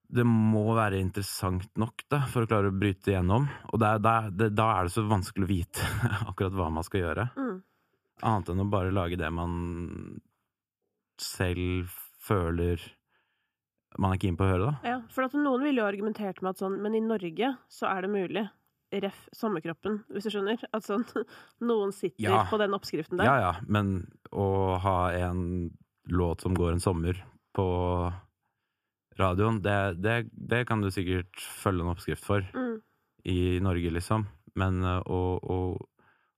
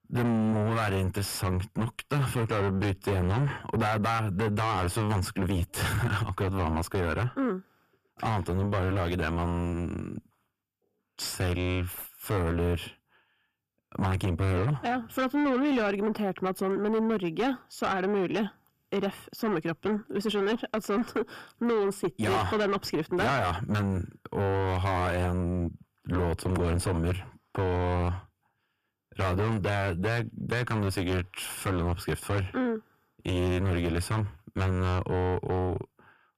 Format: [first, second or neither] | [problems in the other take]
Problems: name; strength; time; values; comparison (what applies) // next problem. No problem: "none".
first | distortion; heavy; 5 dB below the speech